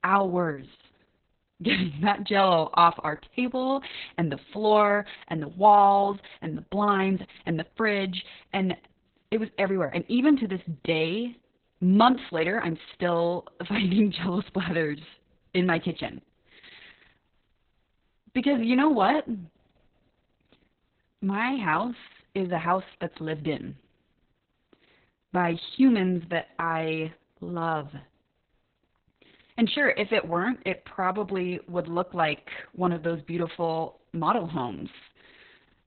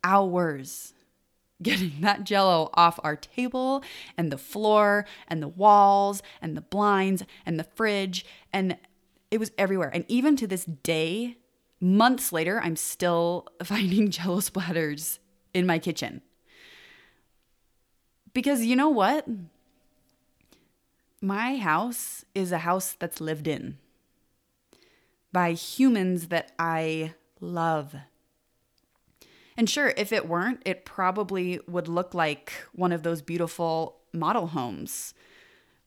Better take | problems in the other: second | garbled, watery; badly; nothing above 4 kHz

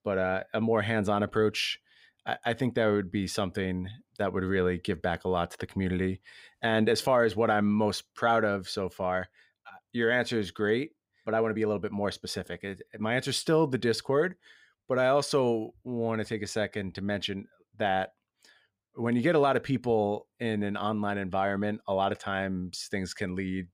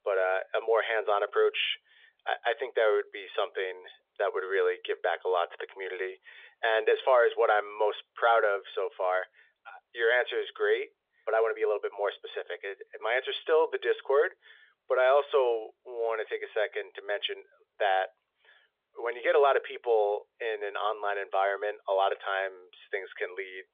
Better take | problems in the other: first | phone-call audio; nothing above 3.5 kHz

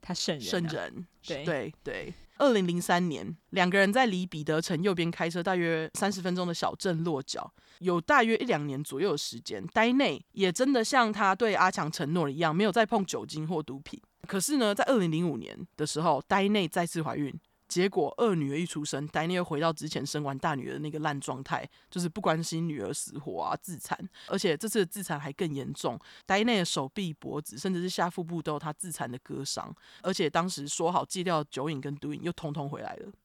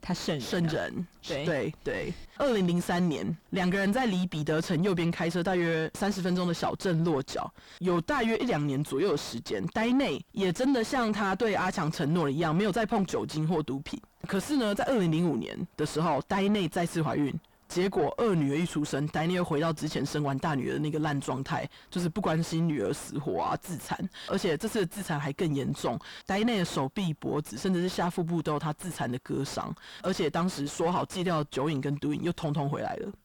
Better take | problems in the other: first | distortion; heavy; 5 dB below the speech

